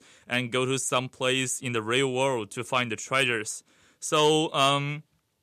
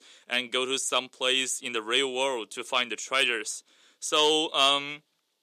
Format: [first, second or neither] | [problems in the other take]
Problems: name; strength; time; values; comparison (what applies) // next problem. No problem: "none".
first | thin; somewhat; fading below 300 Hz